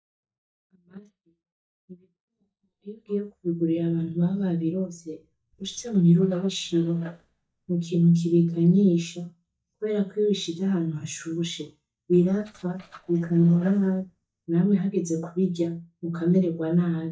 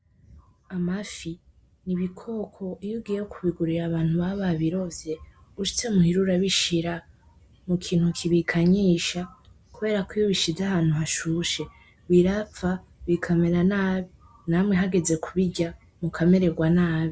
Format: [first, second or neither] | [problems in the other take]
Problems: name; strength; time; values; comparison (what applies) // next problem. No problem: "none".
second | noise reduction (neural mask model DeepFilterNet 3)